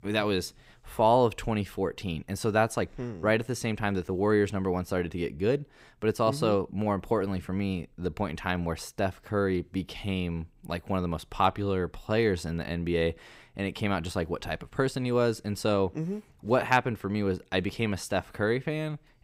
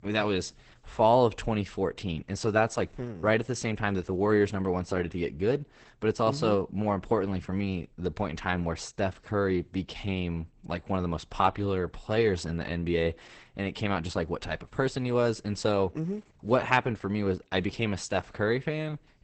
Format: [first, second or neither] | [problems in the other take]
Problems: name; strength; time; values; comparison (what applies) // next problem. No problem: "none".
first | garbled, watery; badly; nothing above 8 kHz